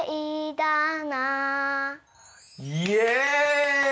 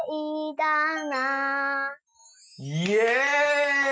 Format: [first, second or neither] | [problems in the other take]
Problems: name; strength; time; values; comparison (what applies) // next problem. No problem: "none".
first | noise reduction (classical method Wiener filter)